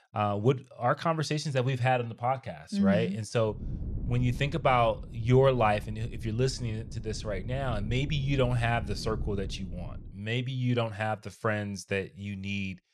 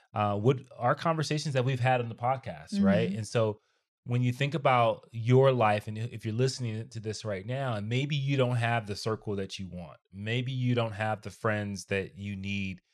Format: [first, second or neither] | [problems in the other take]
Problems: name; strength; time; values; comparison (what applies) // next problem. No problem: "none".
second | wind noise on the microphone; occasional gusts; from 3.5 to 10 s; 20 dB below the speech